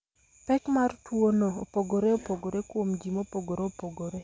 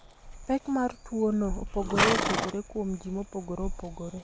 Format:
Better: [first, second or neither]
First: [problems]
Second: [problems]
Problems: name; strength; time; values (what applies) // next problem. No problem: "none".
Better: first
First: none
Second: background sound (Livestock, farm animals, working animals); 2 dB below the speech